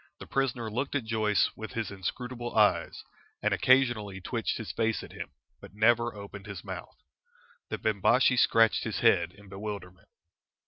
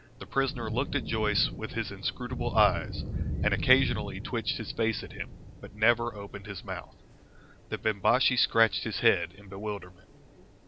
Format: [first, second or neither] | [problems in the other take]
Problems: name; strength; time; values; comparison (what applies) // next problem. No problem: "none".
first | background sound (Thunder / Rain); 7 dB below the speech